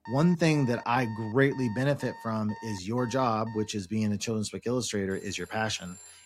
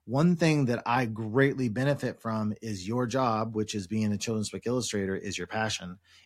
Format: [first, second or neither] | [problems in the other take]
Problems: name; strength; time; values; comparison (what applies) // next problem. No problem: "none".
second | alarms or sirens; noticeable; throughout; 20 dB below the speech